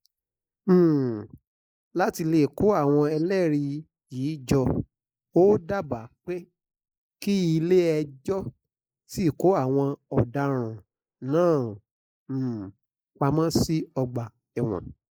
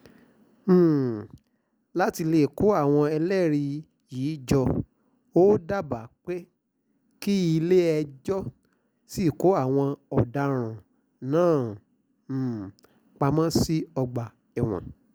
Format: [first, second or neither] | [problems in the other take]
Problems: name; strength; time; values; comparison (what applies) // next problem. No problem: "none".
second | noise reduction (neural mask model Resemble Enhance denoiser)